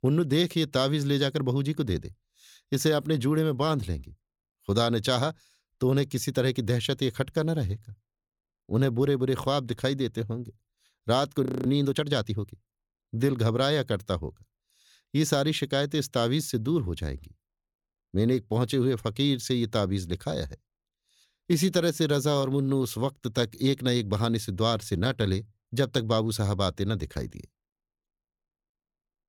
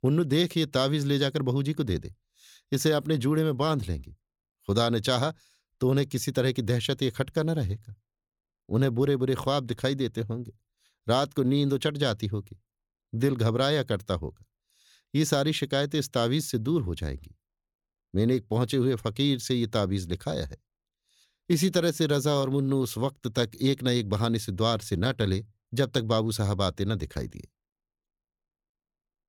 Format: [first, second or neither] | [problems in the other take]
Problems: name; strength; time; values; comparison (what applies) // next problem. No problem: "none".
second | audio freezing; at 11 s